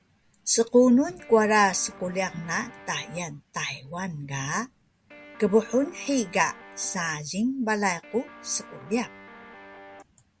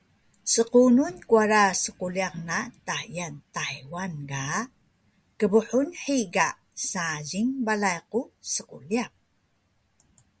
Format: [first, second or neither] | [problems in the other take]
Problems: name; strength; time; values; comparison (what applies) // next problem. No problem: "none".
second | background sound (Guitar); 19 dB below the speech